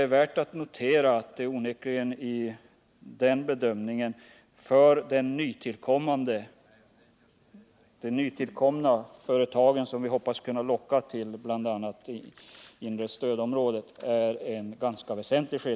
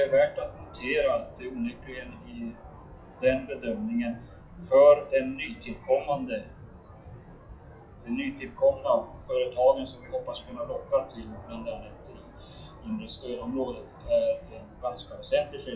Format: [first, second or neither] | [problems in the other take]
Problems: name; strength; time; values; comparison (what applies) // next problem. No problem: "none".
first | noise reduction (classical method WPE with log-MMSE)